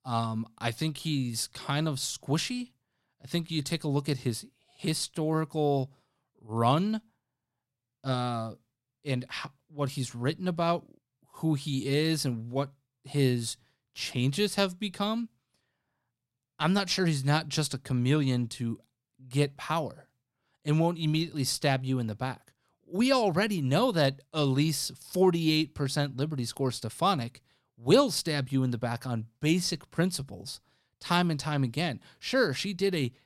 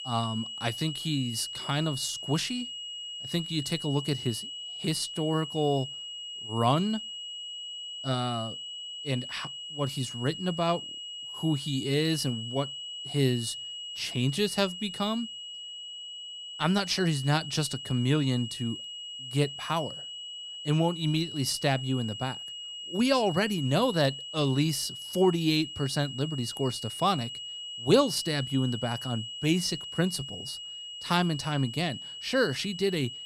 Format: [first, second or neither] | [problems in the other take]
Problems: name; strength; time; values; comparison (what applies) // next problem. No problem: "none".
first | high-pitched whine; loud; throughout; 3 kHz, 8 dB below the speech